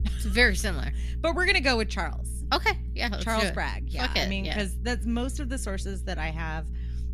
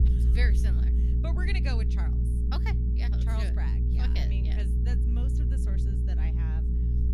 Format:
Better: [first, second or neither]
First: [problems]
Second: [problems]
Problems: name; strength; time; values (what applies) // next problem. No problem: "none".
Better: first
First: low rumble; faint; throughout; 25 dB below the speech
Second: low rumble; loud; throughout; 3 dB below the speech